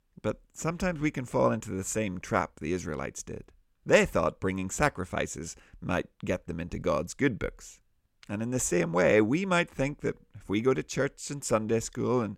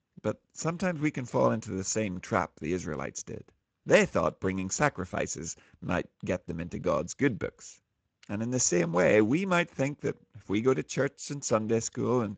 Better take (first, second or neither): first